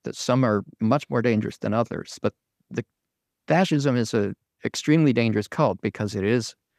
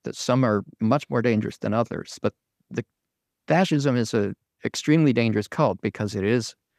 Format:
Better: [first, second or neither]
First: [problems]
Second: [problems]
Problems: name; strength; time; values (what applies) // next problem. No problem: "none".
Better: neither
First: none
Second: none